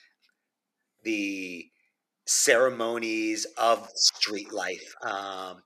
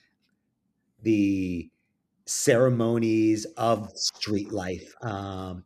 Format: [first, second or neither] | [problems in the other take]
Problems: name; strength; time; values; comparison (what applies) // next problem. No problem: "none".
second | thin; somewhat; fading below 600 Hz